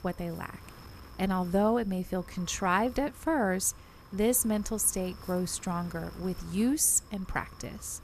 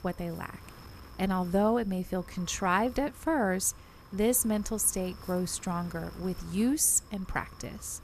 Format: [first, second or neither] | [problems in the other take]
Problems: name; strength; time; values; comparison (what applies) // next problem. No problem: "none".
neither | wind noise on the microphone; occasional gusts; 20 dB below the speech; the same in both